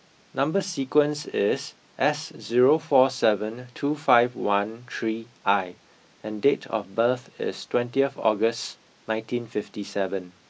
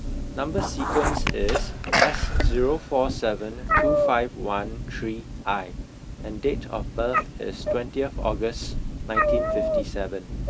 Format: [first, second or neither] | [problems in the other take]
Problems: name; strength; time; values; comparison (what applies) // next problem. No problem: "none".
first | background sound (Sneeze + Meow); 2 dB above the speech